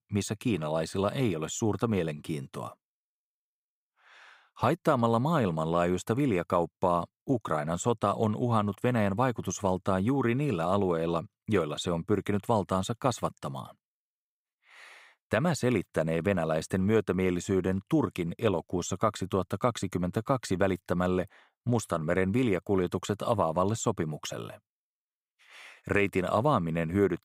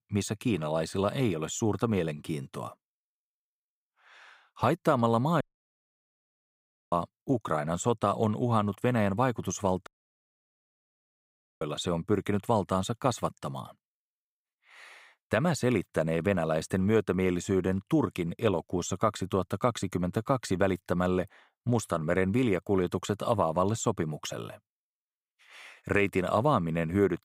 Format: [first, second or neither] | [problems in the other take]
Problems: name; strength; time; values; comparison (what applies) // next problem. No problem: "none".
first | audio cutting out; at 5.5 s for 1.5 s and at 10 s for 1.5 s